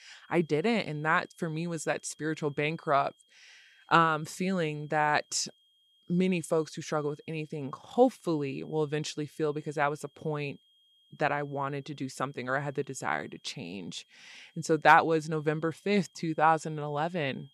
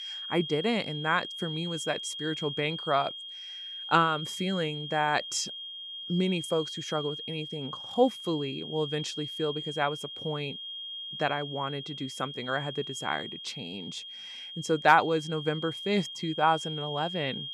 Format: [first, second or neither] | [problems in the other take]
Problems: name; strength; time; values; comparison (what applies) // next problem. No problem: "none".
first | high-pitched whine; loud; throughout; 3 kHz, 7 dB below the speech; faint in the first